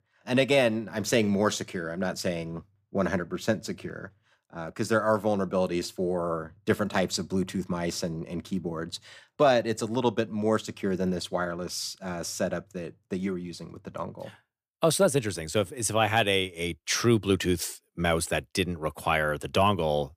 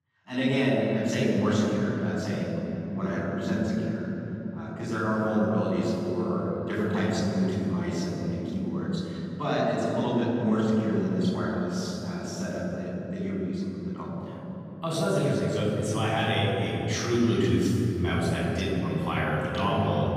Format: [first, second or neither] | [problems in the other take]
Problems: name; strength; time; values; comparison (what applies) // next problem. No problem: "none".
first | room echo; strong; dies away in 3 s // off-mic speech; far